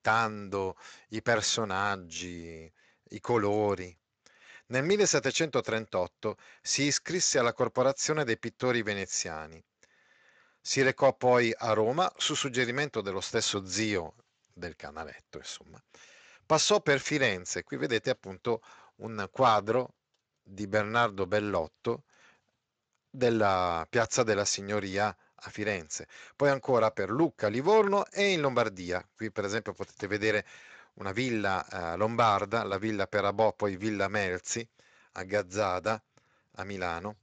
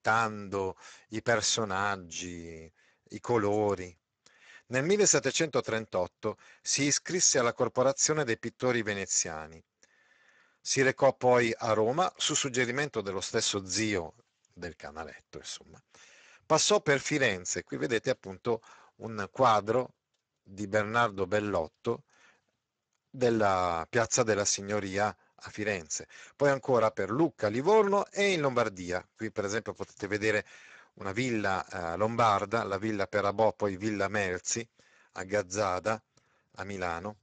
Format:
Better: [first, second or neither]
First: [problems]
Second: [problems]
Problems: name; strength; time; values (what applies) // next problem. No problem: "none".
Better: first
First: garbled, watery; slightly; nothing above 7.5 kHz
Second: garbled, watery; badly; nothing above 7.5 kHz